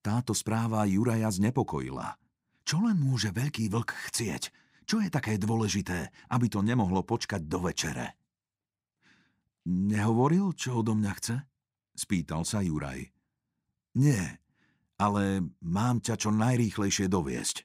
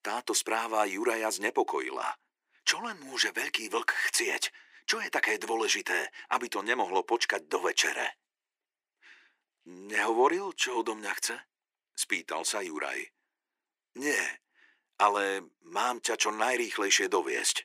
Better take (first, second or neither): first